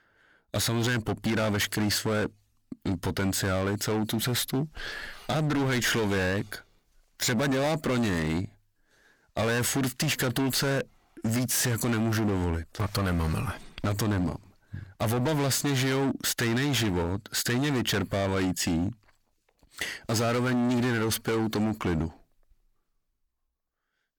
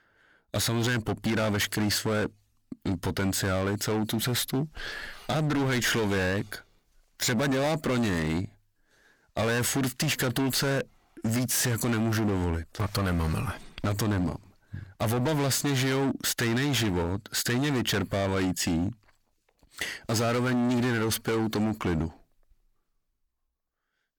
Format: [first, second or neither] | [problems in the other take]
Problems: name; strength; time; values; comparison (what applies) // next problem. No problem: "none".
neither | distortion; heavy; 20% of the sound clipped; the same in both